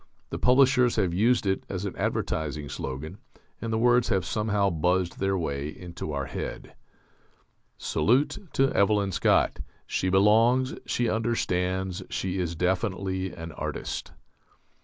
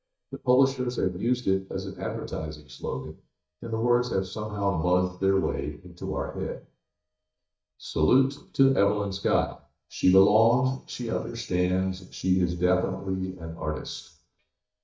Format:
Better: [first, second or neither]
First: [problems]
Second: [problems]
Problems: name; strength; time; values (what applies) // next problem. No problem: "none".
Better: first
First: none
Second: noise reduction (neural mask model DeepFilterNet 3)